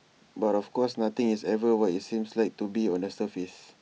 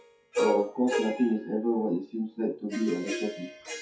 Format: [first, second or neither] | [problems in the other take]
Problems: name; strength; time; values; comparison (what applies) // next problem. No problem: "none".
first | noise reduction (classical method WPE with log-MMSE)